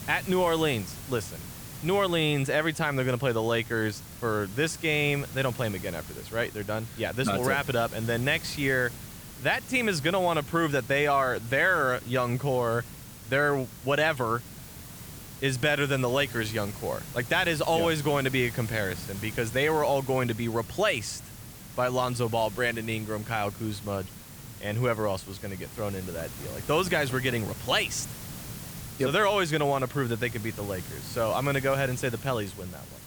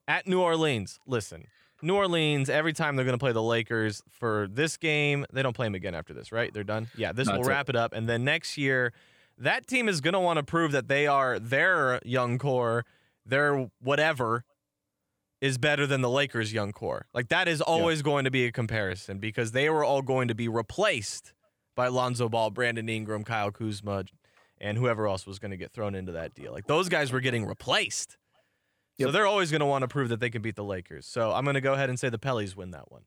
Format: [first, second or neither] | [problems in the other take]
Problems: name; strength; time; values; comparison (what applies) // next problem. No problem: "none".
second | hiss; noticeable; throughout; 15 dB below the speech